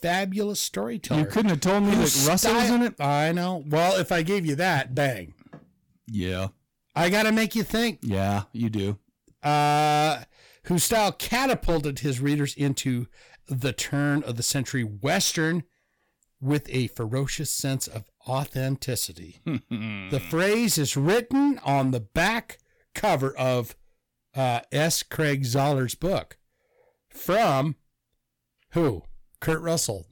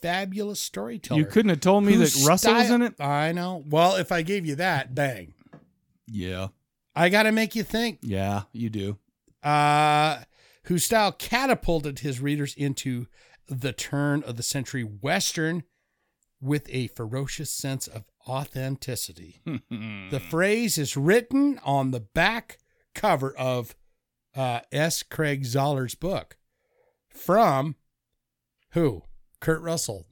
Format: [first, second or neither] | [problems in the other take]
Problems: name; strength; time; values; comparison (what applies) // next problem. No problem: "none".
second | distortion; heavy; 10% of the sound clipped